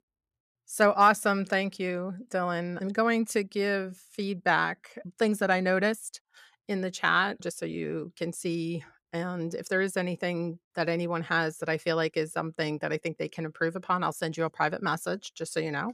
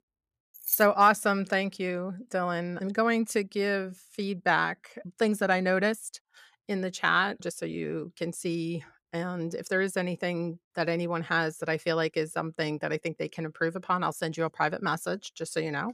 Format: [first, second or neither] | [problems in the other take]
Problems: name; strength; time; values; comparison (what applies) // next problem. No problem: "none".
first | jangling keys; noticeable; at 0.5 s; peak level with the speech